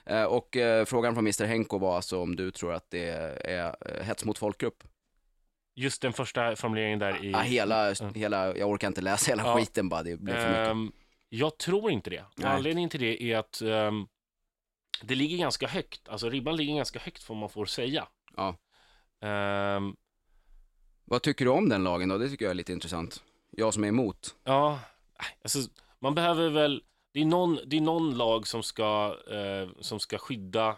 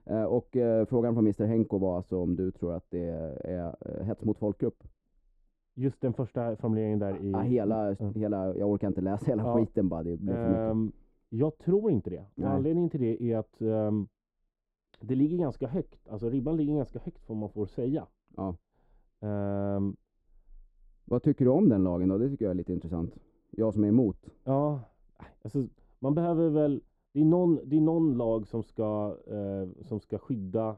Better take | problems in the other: first | muffled; very; fading above 1 kHz

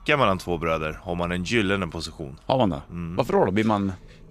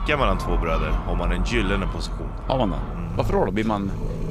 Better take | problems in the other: first | animal sounds; loud; throughout; 4 dB below the speech; faint in the first

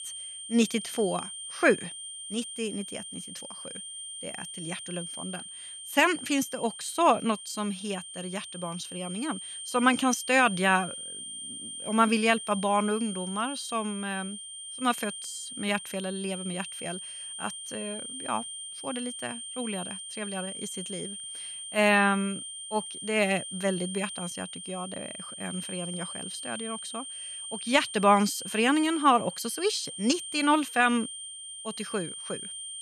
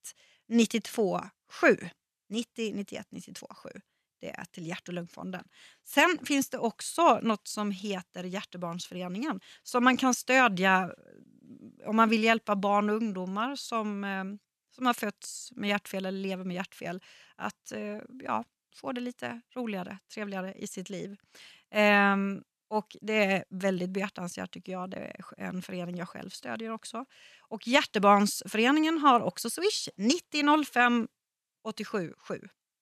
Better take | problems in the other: second | high-pitched whine; loud; throughout; 3 kHz, 9 dB below the speech

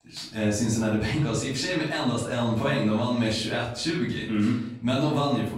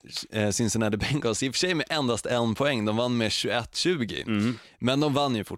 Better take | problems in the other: second | off-mic speech; far // room echo; noticeable; dies away in 0.6 s

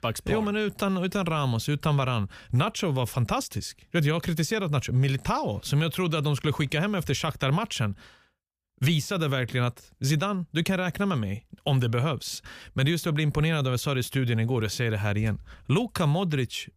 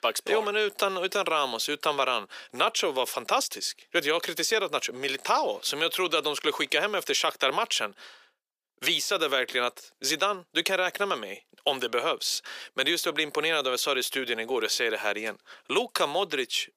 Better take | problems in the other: first | thin; very; fading below 350 Hz

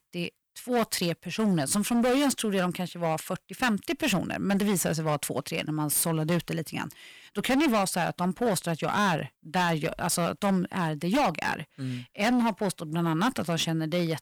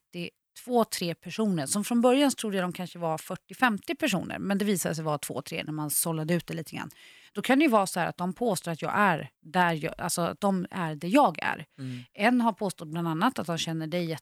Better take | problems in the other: second | distortion; heavy; 12% of the sound clipped

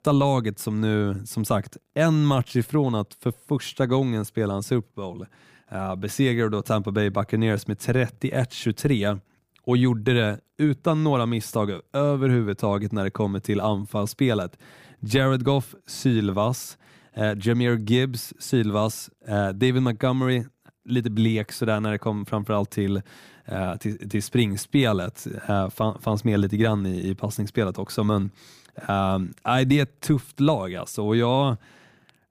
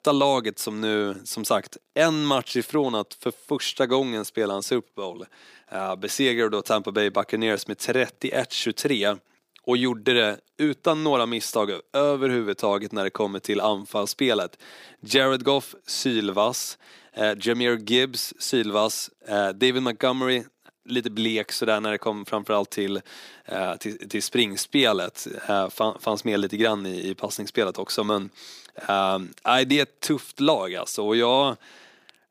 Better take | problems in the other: first | thin; somewhat; fading below 350 Hz

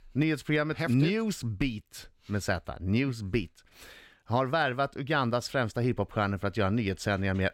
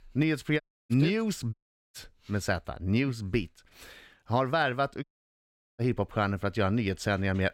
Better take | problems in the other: first | audio cutting out; at 0.5 s, at 1.5 s and at 5 s for 0.5 s

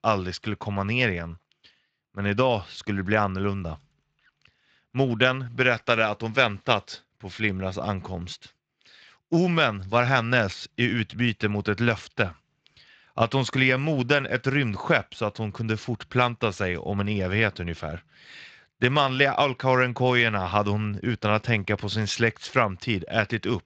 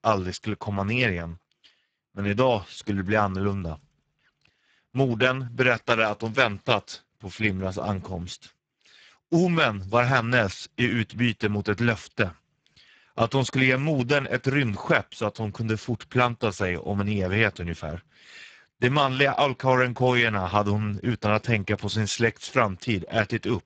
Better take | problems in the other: first | garbled, watery; badly; nothing above 7.5 kHz; slightly in the first

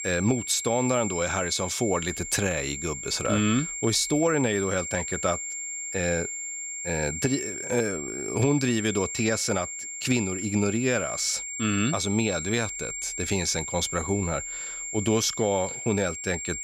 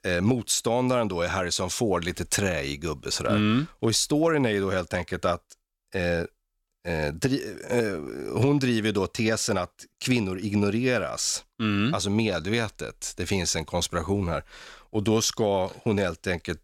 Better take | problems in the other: second | high-pitched whine; loud; throughout; 7.5 kHz, 5 dB below the speech

